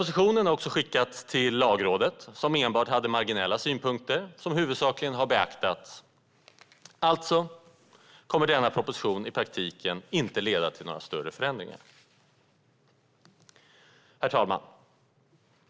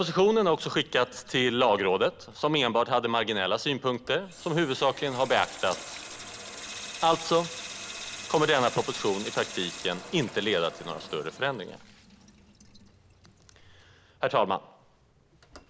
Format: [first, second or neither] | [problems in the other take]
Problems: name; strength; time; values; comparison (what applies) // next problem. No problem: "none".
first | background sound (Sink (filling or washing) / Water tap, faucet); 16 dB below the speech